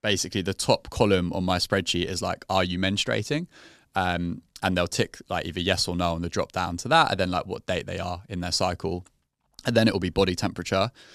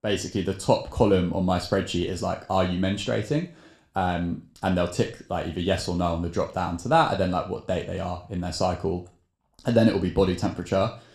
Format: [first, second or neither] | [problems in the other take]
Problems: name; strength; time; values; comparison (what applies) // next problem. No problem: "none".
first | room echo; very slight; dies away in 0.4 s